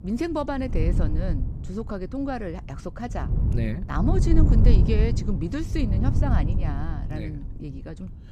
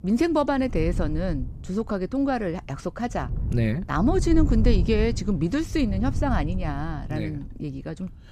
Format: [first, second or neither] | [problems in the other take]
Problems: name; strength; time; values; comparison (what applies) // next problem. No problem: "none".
second | wind noise on the microphone; heavy; 6 dB below the speech; occasional gusts in the second